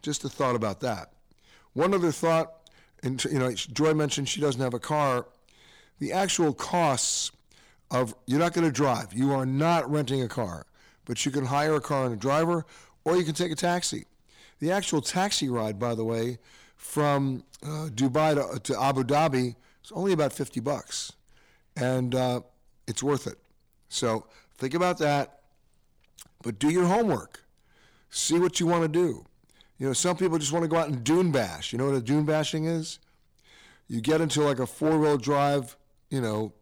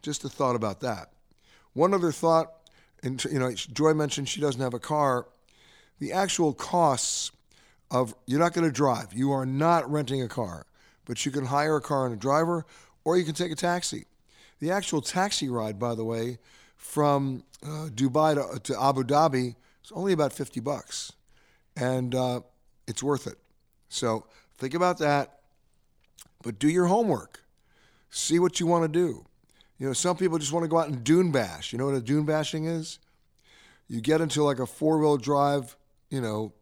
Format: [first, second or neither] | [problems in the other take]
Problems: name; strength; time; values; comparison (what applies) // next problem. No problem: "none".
second | distortion; slight; 5% of the sound clipped